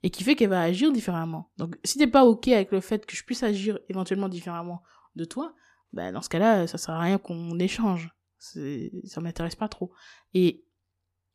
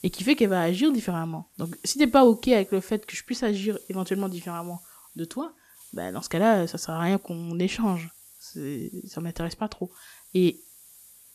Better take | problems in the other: first | hiss; faint; throughout; 25 dB below the speech

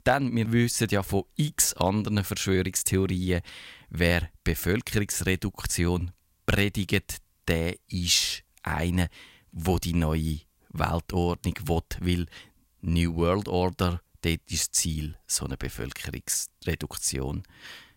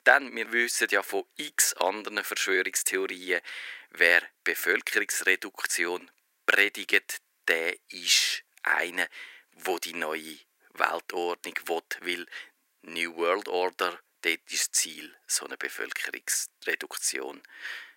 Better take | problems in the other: first | thin; very; fading below 350 Hz

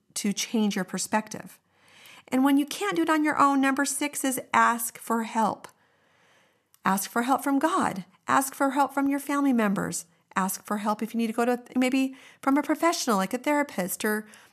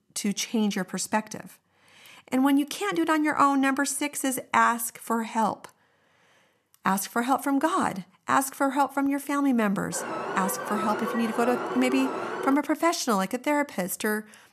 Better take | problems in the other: first | alarm; noticeable; from 10 to 13 s; peak 4 dB below the speech

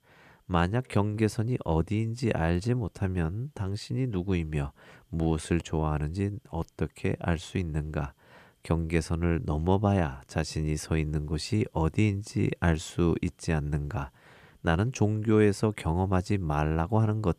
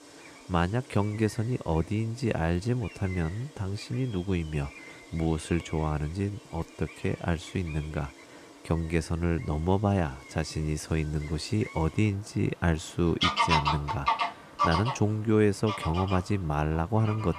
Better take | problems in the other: first | animal sounds; loud; throughout; 3 dB below the speech

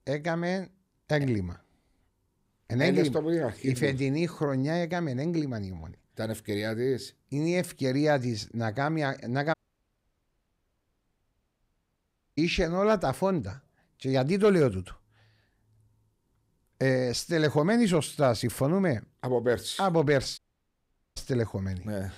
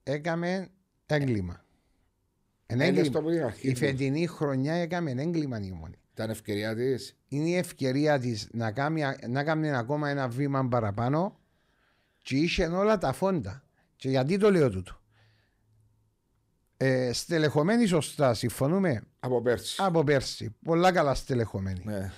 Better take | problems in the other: second | audio cutting out; at 9.5 s for 3 s and at 20 s for 1 s

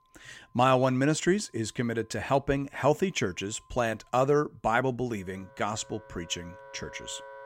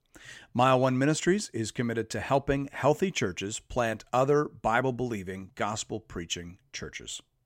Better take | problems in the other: second | background music; faint; throughout; 20 dB below the speech

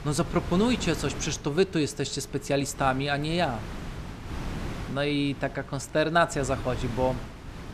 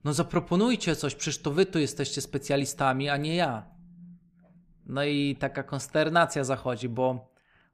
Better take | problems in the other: second | wind noise on the microphone; occasional gusts; 15 dB below the speech

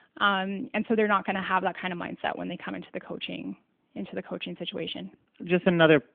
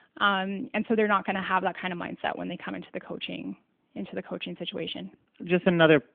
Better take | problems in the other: neither | phone-call audio; nothing above 3.5 kHz; the same in both

